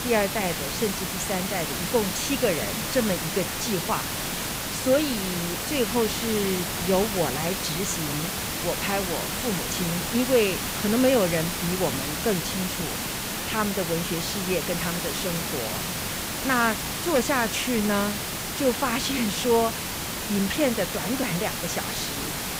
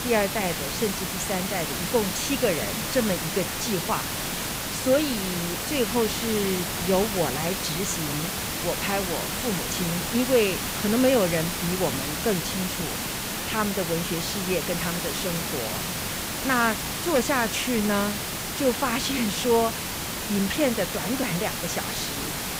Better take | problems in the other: neither | hiss; loud; throughout; 1 dB below the speech; the same in both

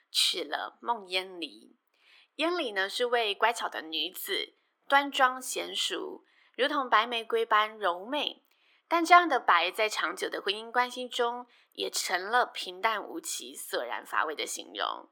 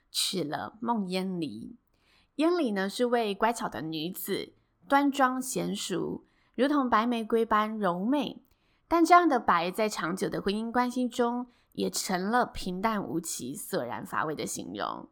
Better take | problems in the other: second | thin; very; fading below 350 Hz

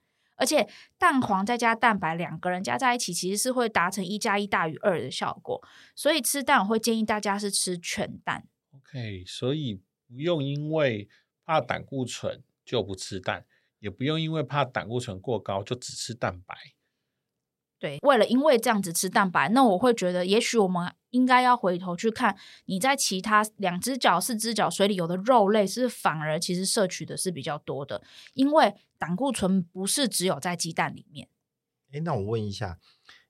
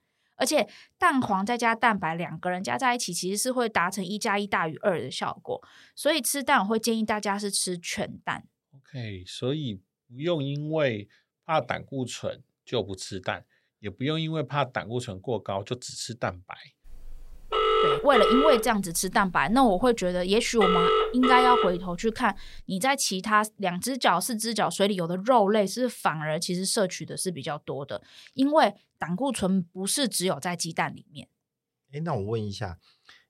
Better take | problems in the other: first | phone ringing; loud; from 17 to 23 s; peak 5 dB above the speech

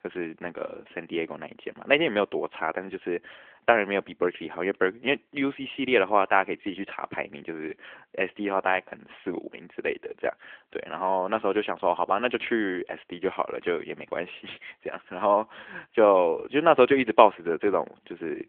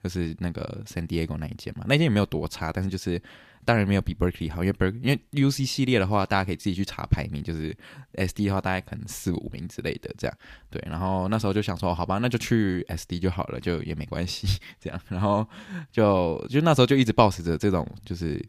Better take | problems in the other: second | phone-call audio; nothing above 3.5 kHz

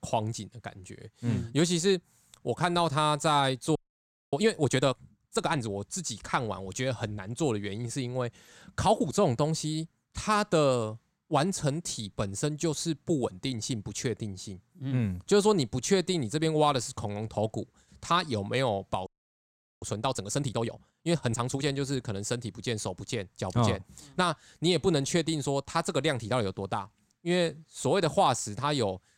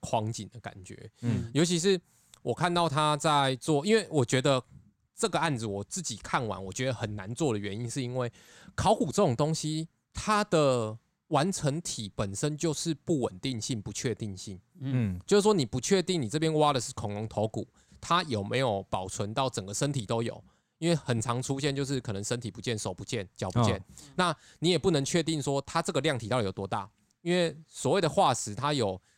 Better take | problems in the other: second | audio freezing; at 4 s for 0.5 s and at 19 s for 1 s

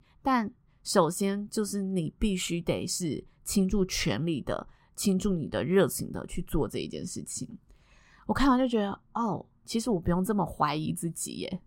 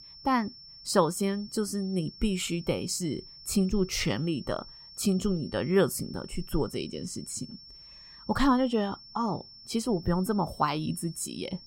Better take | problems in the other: first | high-pitched whine; noticeable; throughout; 5.5 kHz, 15 dB below the speech

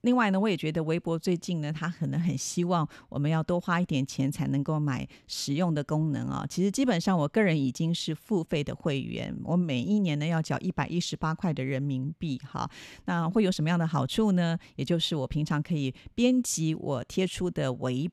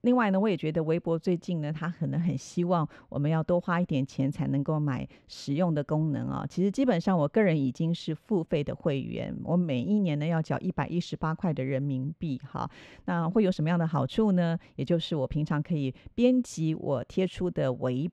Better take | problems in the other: first | muffled; slightly; fading above 2 kHz

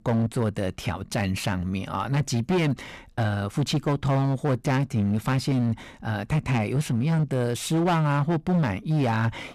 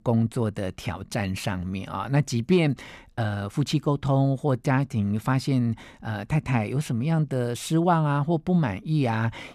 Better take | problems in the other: second | distortion; slight; 14% of the sound clipped

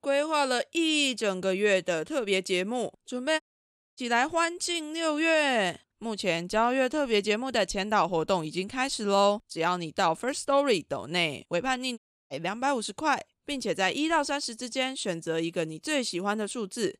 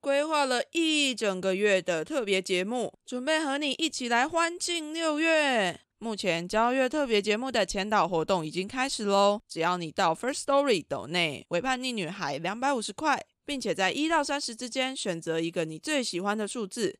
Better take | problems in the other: second | audio cutting out; at 3.5 s for 0.5 s and at 12 s

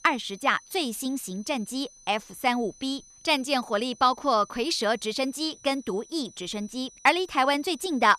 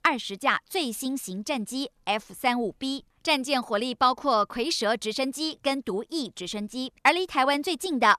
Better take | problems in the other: second | high-pitched whine; faint; throughout; 6 kHz, 25 dB below the speech

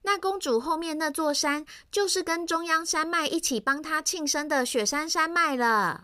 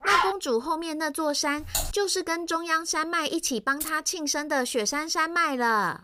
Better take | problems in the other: first | dog barking; loud; at the start; peak 3 dB above the speech // keyboard typing; noticeable; at 1.5 s; peak 3 dB below the speech // jangling keys; noticeable; at 4 s; peak 8 dB below the speech

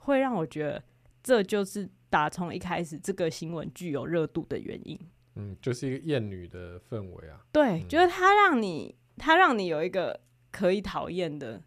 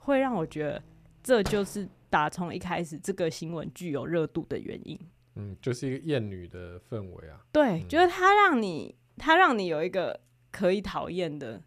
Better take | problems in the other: first | door banging; faint; at 1.5 s; peak 10 dB below the speech

